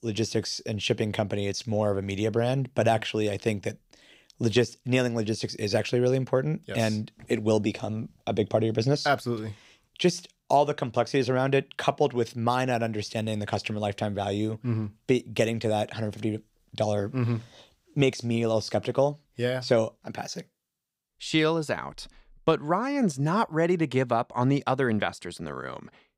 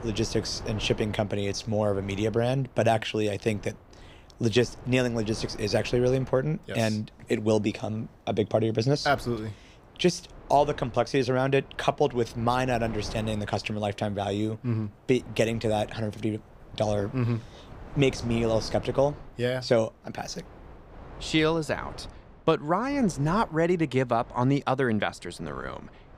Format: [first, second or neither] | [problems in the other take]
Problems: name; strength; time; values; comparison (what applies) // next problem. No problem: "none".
first | wind noise on the microphone; occasional gusts; 20 dB below the speech